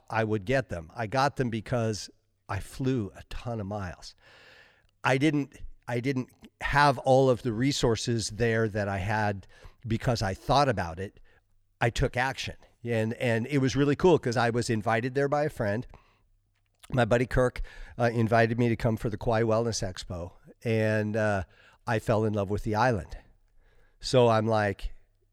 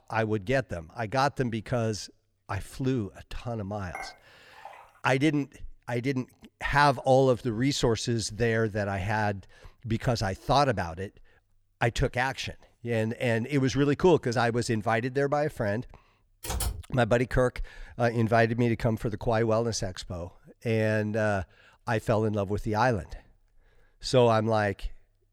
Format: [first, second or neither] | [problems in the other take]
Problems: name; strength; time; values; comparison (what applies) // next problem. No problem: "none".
first | clattering dishes; faint; at 4 s; peak 15 dB below the speech // keyboard typing; noticeable; at 16 s; peak 5 dB below the speech